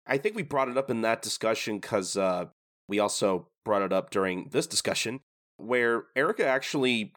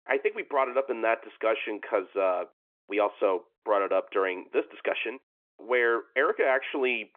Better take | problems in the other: first | phone-call audio

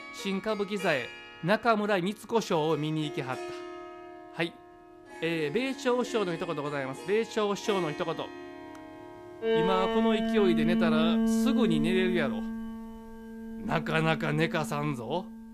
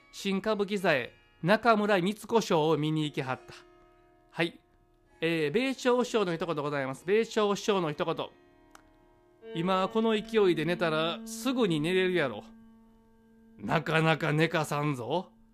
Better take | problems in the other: second | background music; loud; throughout; 3 dB below the speech; faint in the second

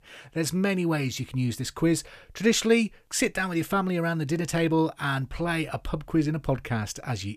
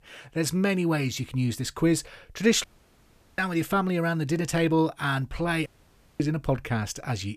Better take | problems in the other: first | audio cutting out; at 2.5 s for 0.5 s and at 5.5 s for 0.5 s

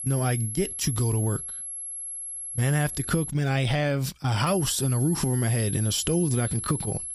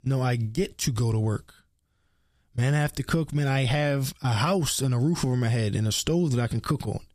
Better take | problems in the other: second | high-pitched whine; loud; until 3.5 s and from 4.5 s on; 11 kHz, 6 dB below the speech

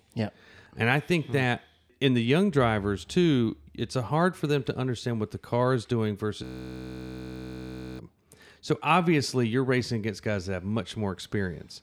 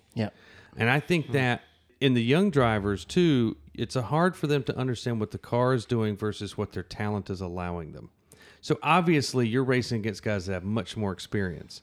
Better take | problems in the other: second | audio freezing; at 6.5 s for 1.5 s

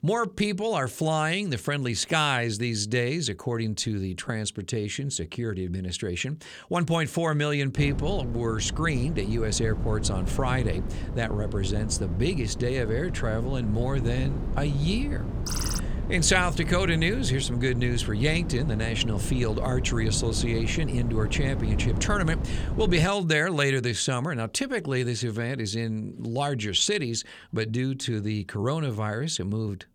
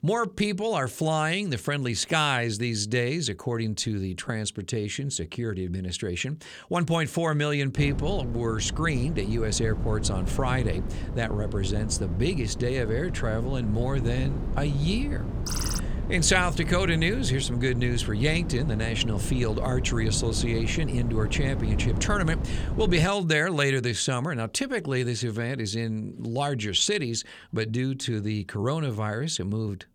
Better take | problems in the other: neither | wind noise on the microphone; occasional gusts; from 8 to 23 s; 10 dB below the speech; the same in both

